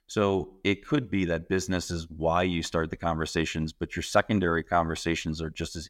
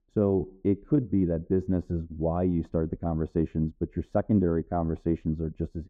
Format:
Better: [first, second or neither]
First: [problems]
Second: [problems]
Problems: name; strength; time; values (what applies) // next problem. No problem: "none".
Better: first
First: none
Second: muffled; very; fading above 1.5 kHz